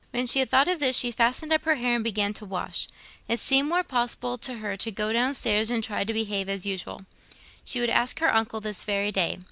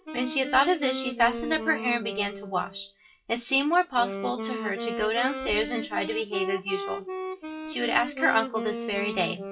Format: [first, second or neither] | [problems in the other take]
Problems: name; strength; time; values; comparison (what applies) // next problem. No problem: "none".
first | noise reduction (classical method WPE with log-MMSE)